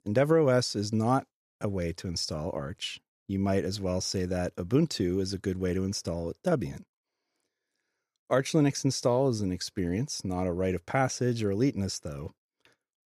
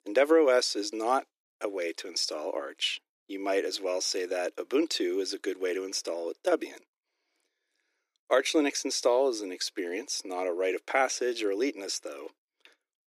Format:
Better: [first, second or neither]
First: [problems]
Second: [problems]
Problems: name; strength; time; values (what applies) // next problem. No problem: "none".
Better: first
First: none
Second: thin; somewhat; fading below 300 Hz